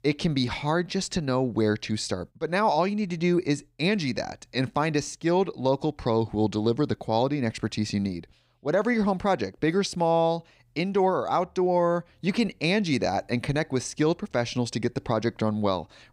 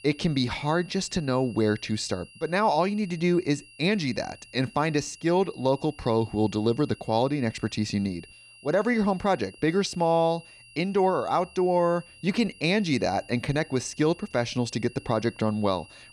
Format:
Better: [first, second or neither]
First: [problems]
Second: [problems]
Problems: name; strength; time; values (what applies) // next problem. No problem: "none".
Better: first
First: none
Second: high-pitched whine; faint; throughout; 3 kHz, 20 dB below the speech